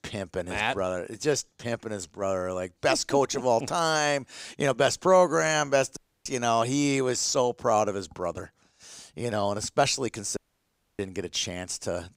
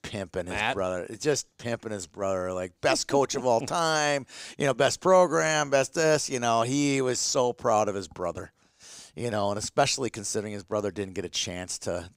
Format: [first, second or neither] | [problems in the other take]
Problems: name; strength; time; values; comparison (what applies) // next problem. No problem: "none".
second | audio cutting out; at 6 s and at 10 s for 0.5 s